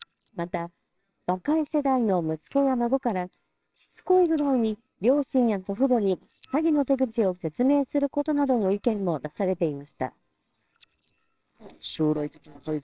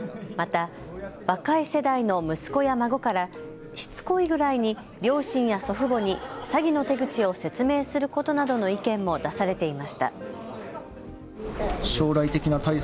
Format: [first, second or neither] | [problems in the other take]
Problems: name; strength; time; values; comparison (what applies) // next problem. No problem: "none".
second | noise reduction (neural separator model SepFormer WHAMR!)